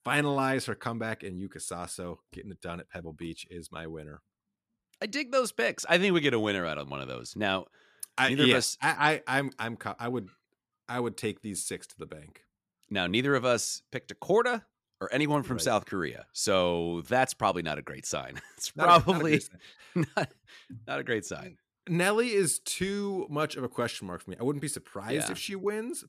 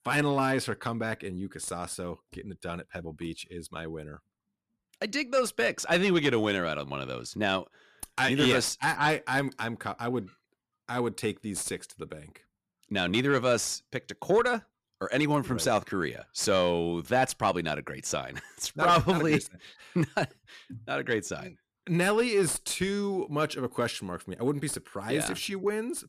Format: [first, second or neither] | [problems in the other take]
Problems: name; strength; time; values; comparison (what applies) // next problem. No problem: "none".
first | distortion; slight; 10 dB below the speech